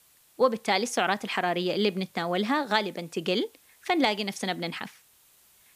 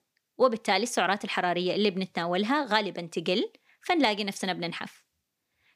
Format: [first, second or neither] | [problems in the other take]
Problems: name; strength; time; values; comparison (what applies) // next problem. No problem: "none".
second | hiss; faint; throughout; 30 dB below the speech